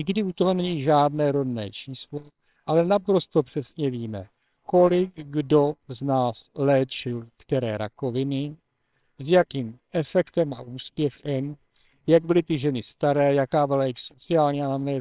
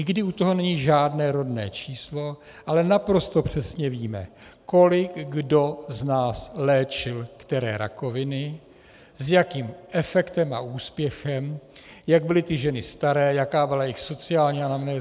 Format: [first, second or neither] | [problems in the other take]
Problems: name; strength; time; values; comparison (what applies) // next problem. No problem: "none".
second | noise reduction (neural separator model SepFormer WHAMR!)